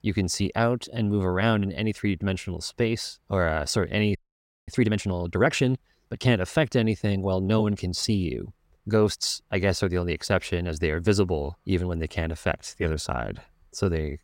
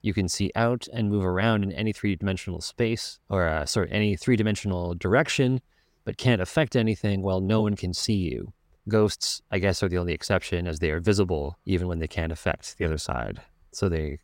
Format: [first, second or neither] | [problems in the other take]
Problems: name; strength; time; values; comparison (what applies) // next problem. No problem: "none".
second | audio freezing; at 4 s for 0.5 s